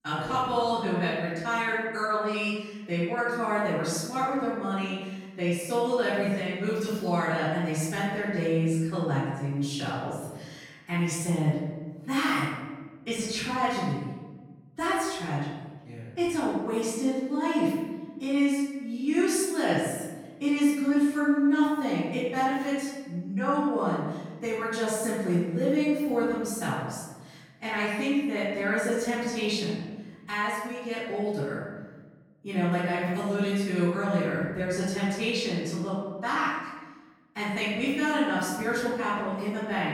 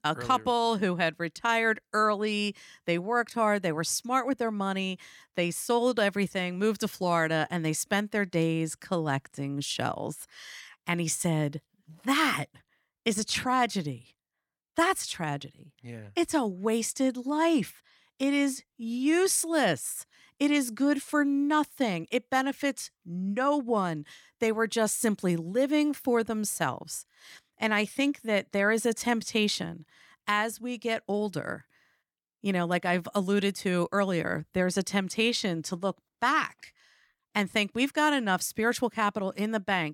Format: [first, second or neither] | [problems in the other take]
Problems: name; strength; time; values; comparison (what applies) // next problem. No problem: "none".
second | off-mic speech; far // room echo; strong; dies away in 1.2 s